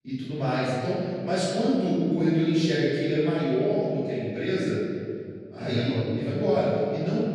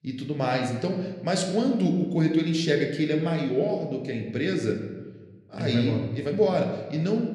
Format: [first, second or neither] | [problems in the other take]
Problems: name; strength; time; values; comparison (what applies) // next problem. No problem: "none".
second | room echo; strong; dies away in 2.2 s; slight in the second // off-mic speech; far